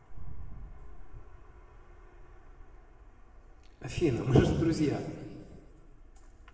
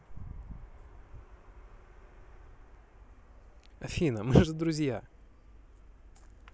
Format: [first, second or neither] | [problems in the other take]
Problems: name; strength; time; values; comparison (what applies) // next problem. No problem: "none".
second | room echo; dies away in 2.1 s